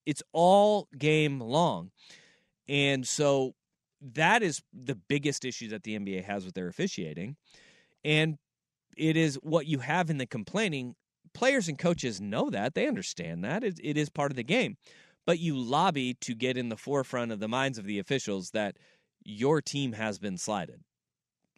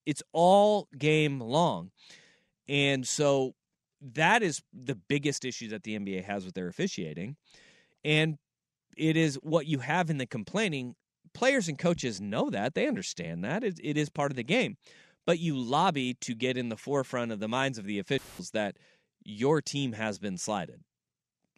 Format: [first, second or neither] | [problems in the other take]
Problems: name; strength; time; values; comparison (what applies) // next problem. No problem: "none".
first | audio cutting out; filled with static; at 18 s